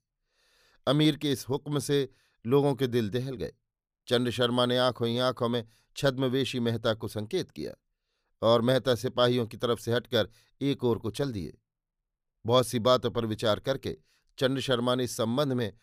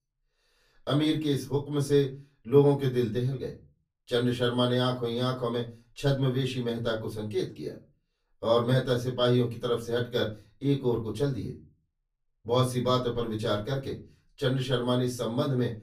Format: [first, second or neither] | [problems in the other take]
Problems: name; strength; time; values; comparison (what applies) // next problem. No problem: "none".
first | off-mic speech; far // room echo; very slight; dies away in 0.3 s